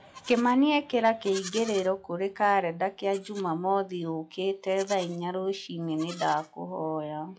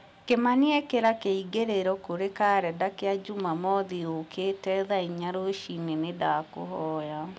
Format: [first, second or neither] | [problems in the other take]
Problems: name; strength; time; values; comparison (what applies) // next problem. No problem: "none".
second | noise reduction (classical method log-MMSE)